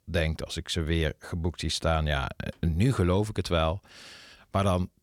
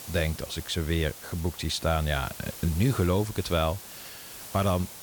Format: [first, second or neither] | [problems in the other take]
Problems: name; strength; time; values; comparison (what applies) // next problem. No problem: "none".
first | hiss; noticeable; throughout; 10 dB below the speech